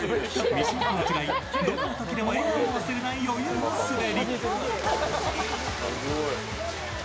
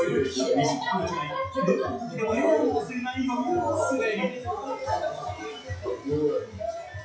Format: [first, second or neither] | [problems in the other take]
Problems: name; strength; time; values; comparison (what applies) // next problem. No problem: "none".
first | noise reduction (classical method WPE with log-MMSE)